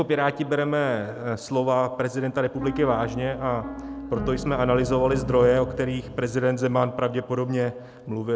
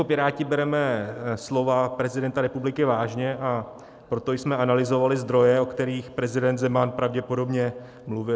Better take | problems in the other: second | background sound (Piano); 9 dB below the speech

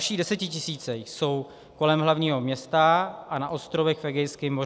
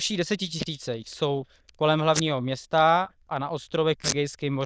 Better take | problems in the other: first | noise reduction (neural diffusion model UNIVERSE++)

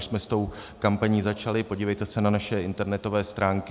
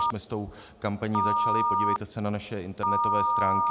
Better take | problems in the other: first | background sound (Telephone); 5 dB above the speech

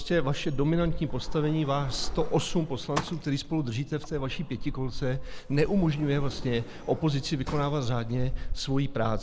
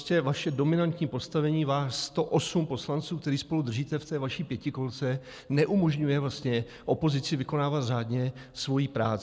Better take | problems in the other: second | background sound (Sliding door); 4 dB below the speech

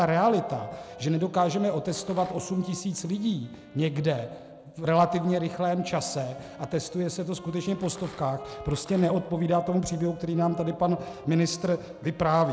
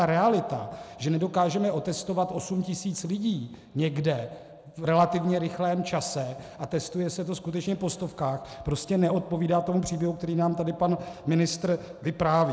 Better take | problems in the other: second | background sound (Rattle + Wind instrument, woodwind instrument); 20 dB below the speech

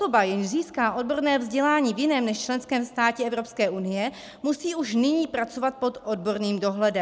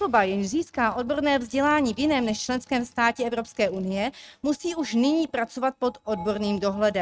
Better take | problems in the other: first | noise reduction (neural mask model RNNoise)

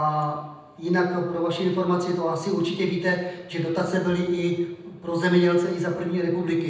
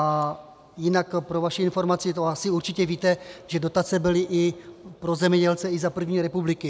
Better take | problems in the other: second | room echo; dies away in 0.9 s

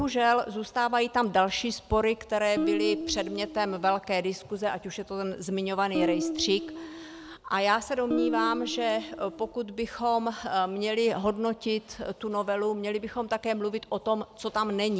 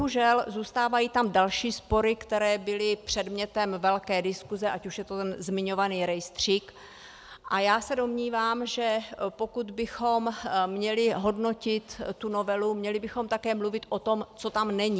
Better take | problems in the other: second | background sound (Guitar); 4 dB below the speech

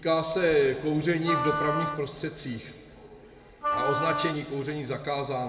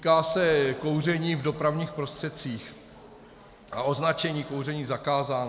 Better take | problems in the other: second | background sound (Wind instrument, woodwind instrument); 3 dB below the speech // room echo; dies away in 1.2 s

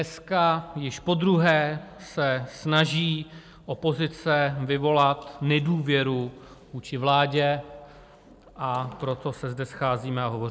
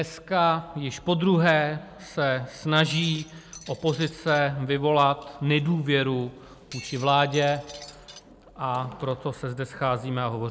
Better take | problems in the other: first | background sound (Shatter); 18 dB below the speech

